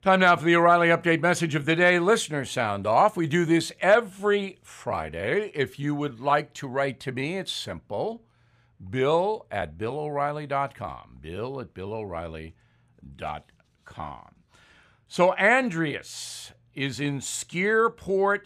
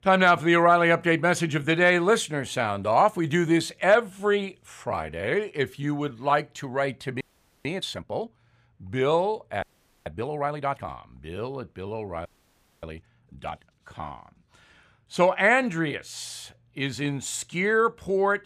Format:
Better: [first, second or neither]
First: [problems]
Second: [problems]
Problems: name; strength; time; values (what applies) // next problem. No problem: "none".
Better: first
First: none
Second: audio freezing; at 7 s, at 9.5 s and at 12 s for 0.5 s